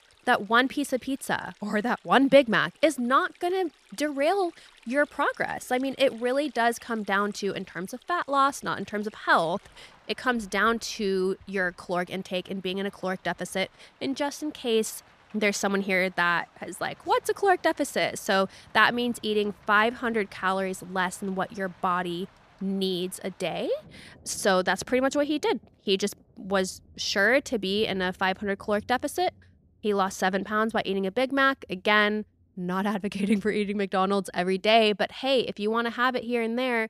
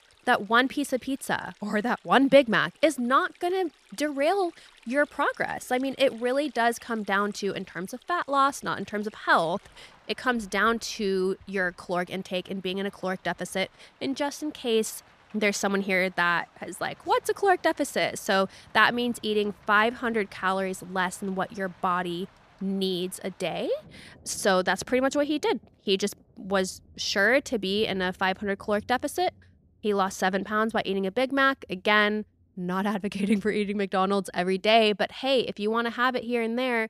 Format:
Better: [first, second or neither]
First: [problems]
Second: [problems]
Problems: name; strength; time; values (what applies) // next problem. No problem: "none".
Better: neither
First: rain or running water; faint; throughout; 30 dB below the speech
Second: rain or running water; faint; throughout; 30 dB below the speech